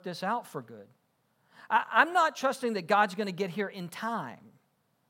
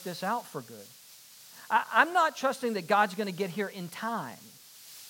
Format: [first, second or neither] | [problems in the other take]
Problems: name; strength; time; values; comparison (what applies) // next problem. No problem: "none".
first | hiss; faint; throughout; 20 dB below the speech